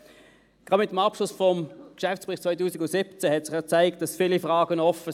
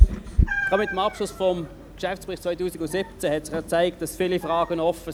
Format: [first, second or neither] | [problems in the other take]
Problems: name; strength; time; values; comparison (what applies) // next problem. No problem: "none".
first | background sound (Meow); as loud as the speech